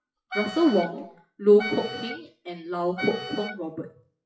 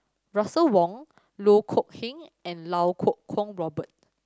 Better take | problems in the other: second | noise reduction (classical method WPE with log-MMSE)

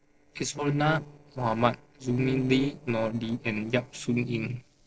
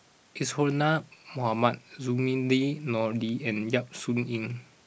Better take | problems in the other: second | noise reduction (neural separator model SepFormer DNS4)

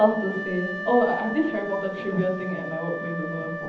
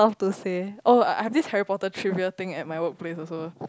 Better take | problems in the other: second | background sound (Wind instrument, woodwind instrument); 8 dB below the speech // room echo; dies away in 0.8 s

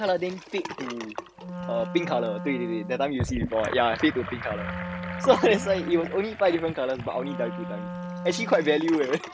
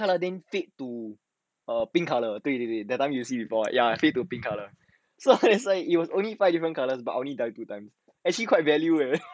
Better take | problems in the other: second | background sound (Sink (filling or washing) / Gurgling + Wind instrument, woodwind instrument); 8 dB below the speech

